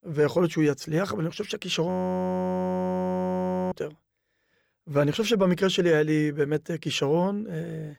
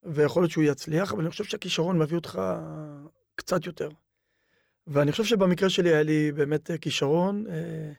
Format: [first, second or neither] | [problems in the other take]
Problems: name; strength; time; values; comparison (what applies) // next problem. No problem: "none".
second | audio freezing; at 2 s for 2 s